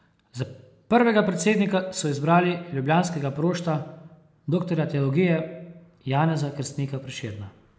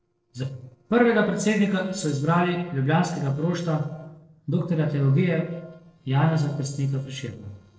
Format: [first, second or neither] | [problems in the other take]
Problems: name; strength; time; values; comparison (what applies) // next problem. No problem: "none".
first | noise reduction (neural separator model SepFormer DNS4)